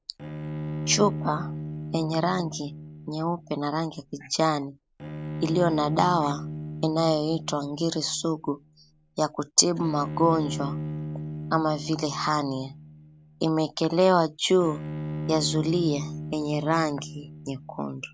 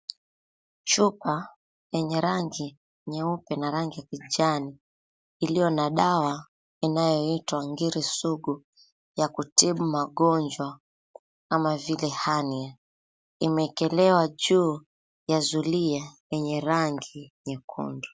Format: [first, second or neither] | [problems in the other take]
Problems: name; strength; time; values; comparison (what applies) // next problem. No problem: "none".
second | background sound (Bowed string instrument); 9 dB below the speech